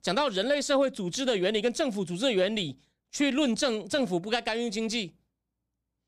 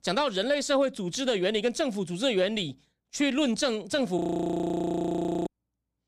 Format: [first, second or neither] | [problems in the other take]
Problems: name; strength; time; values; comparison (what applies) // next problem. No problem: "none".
first | audio freezing; at 4 s for 1.5 s